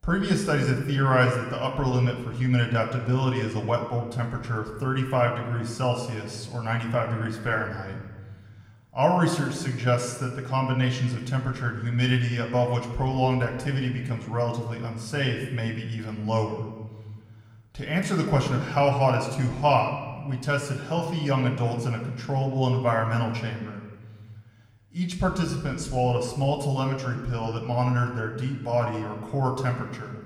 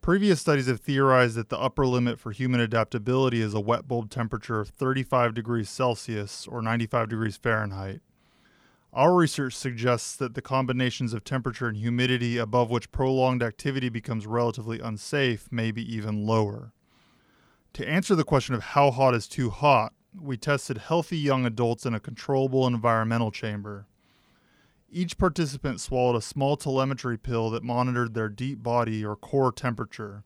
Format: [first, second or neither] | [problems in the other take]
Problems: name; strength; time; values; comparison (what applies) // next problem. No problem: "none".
second | room echo; slight; dies away in 1.2 s // off-mic speech; somewhat distant